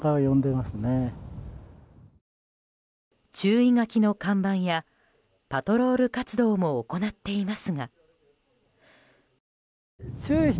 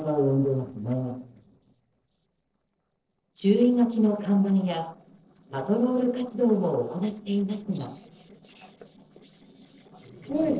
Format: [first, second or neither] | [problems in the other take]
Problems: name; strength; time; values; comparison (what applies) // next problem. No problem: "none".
first | noise reduction (neural separator model SepFormer DNS4)